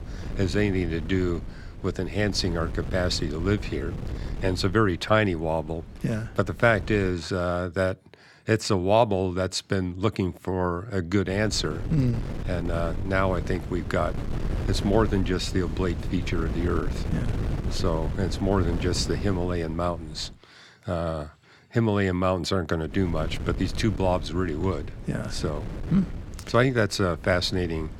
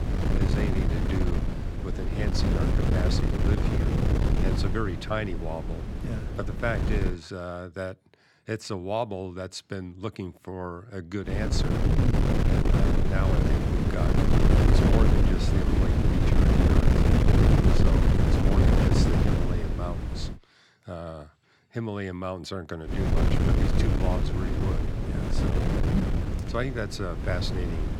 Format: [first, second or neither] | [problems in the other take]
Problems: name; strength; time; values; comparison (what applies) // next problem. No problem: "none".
first | wind noise on the microphone; heavy; until 7 s, from 11 to 20 s and from 23 s on; 3 dB above the speech; occasional gusts in the first